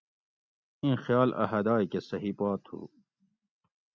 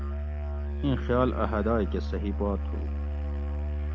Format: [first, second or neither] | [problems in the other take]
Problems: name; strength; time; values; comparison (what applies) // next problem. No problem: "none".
first | background sound (Musical instrument); 1 dB above the speech